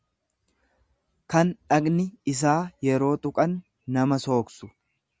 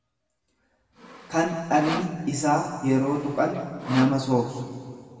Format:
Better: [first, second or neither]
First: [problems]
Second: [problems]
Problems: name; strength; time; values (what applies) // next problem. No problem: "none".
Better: first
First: none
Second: background sound (Sawing); 13 dB below the speech // room echo; dies away in 2 s